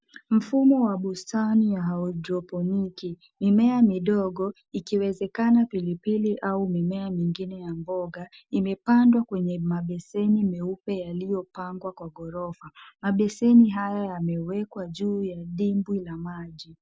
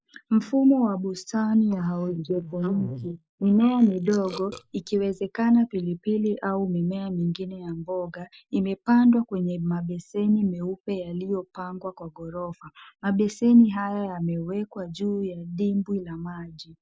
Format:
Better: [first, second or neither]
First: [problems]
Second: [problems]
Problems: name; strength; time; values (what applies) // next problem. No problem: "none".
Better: first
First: none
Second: noise reduction (neural mask model Resemble Enhance denoiser)